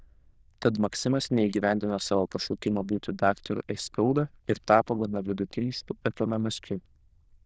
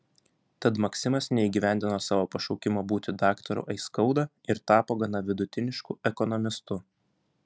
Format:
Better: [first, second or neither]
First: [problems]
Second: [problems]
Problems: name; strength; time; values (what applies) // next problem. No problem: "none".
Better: second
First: noise reduction (neural diffusion model UNIVERSE++)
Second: none